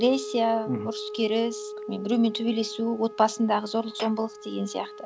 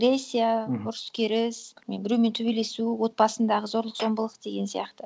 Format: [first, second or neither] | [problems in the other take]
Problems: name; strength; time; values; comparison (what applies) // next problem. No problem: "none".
second | background sound (Wind instrument, woodwind instrument); 12 dB below the speech